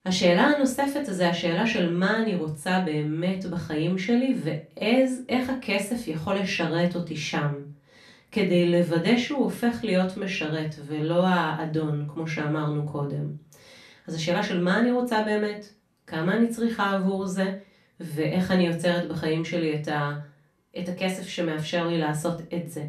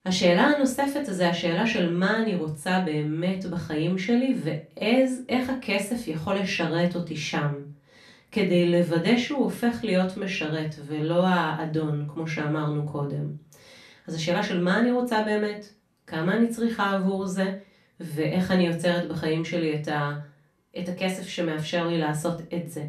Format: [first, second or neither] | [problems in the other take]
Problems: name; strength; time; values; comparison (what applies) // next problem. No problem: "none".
neither | off-mic speech; far; the same in both // room echo; very slight; dies away in 0.3 s; the same in both